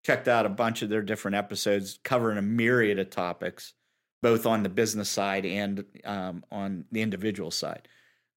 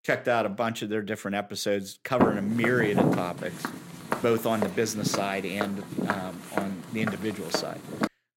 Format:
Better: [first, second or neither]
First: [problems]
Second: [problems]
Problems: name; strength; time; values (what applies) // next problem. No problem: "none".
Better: first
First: none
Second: footsteps; loud; from 2 s on; peak 4 dB above the speech